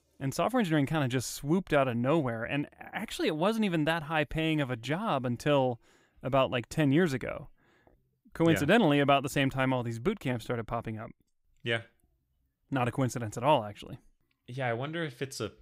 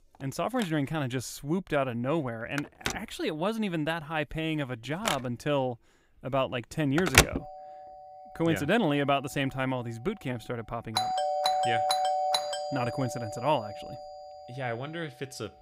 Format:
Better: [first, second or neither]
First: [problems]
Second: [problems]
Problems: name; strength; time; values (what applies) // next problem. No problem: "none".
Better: first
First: none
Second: alarms or sirens; very loud; throughout; 1 dB above the speech